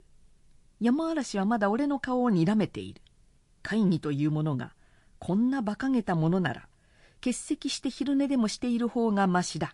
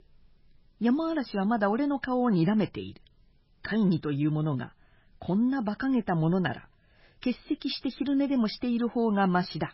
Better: first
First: garbled, watery; slightly; nothing above 9.5 kHz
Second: garbled, watery; badly; nothing above 5.5 kHz

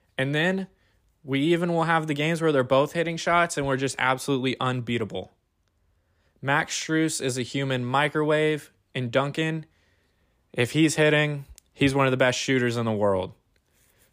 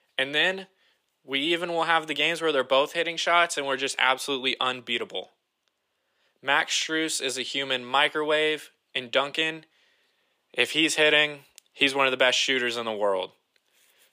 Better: first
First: none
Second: thin; somewhat; fading below 400 Hz

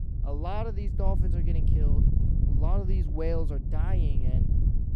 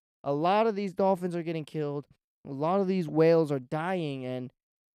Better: second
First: wind noise on the microphone; heavy; 5 dB below the speech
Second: none

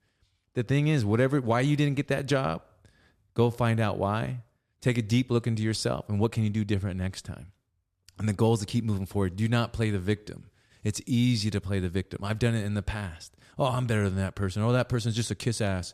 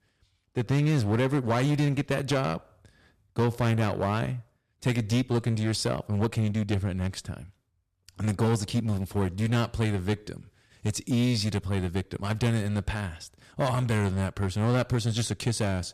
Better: first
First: none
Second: distortion; slight; 10% of the sound clipped

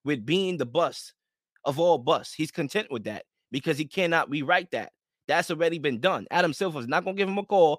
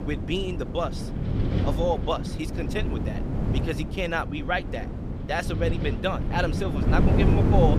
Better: first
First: none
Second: wind noise on the microphone; heavy; 6 dB below the speech

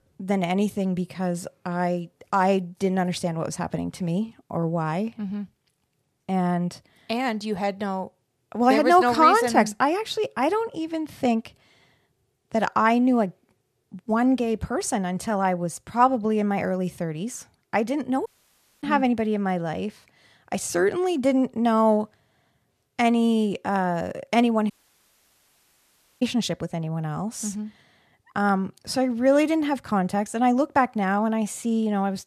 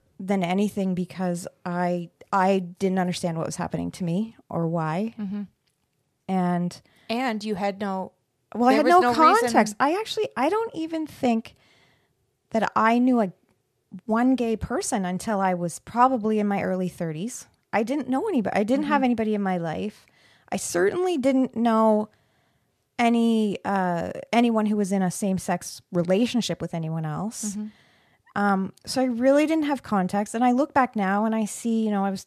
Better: second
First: audio cutting out; at 18 s for 0.5 s and at 25 s for 1.5 s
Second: none

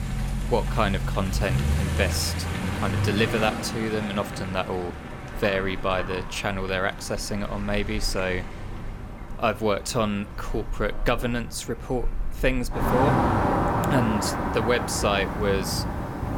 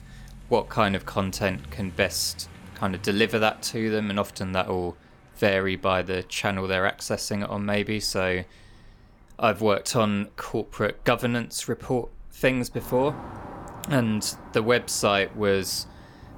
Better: second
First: traffic noise; loud; throughout; 2 dB below the speech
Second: traffic noise; faint; throughout; 20 dB below the speech

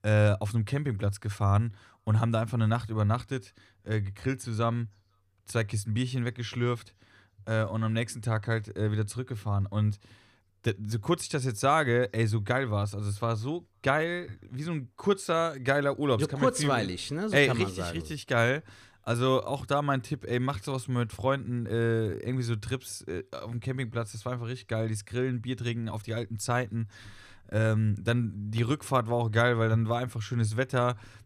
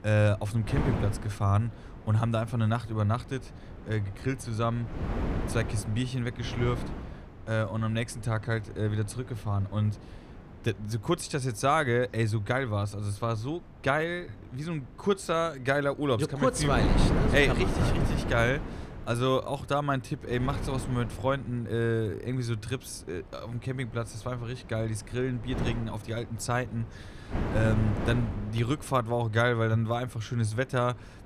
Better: first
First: none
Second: wind noise on the microphone; heavy; 8 dB below the speech

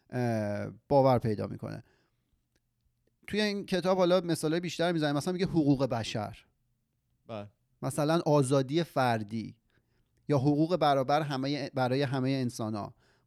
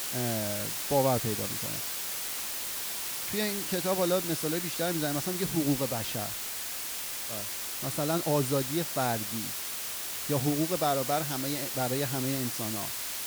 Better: first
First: none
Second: hiss; loud; throughout; as loud as the speech

